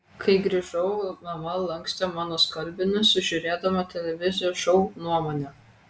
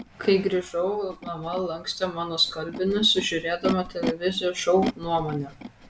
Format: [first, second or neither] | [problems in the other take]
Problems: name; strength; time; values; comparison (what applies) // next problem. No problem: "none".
first | background sound (Animal); 11 dB below the speech